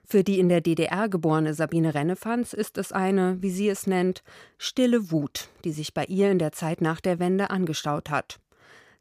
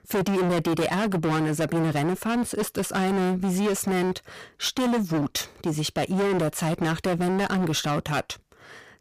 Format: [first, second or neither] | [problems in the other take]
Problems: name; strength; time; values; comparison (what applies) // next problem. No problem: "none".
first | distortion; heavy; 27% of the sound clipped